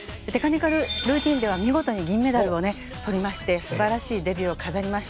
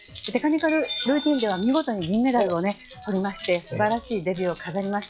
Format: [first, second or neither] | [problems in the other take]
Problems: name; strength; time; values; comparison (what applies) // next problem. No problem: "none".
first | noise reduction (classical method log-MMSE)